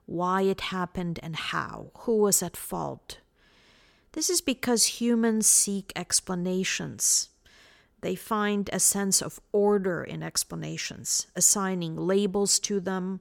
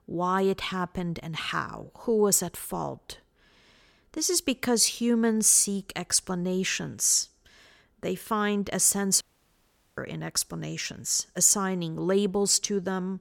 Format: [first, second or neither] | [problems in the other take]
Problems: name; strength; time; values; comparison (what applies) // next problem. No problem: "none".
first | audio cutting out; at 9 s for 1 s